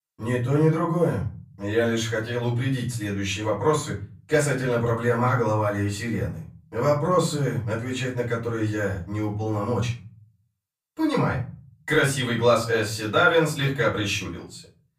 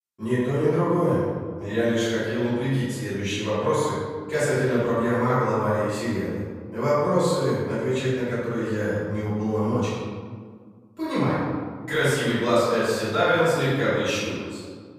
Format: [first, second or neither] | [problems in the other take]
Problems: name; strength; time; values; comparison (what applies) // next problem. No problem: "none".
first | room echo; strong; dies away in 1.6 s; slight in the first // off-mic speech; far; far in the first